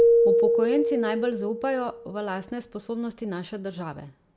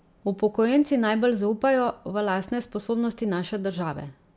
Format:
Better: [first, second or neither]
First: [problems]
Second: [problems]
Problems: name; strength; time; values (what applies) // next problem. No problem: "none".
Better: second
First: background sound (Keyboard (musical)); 5 dB above the speech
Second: none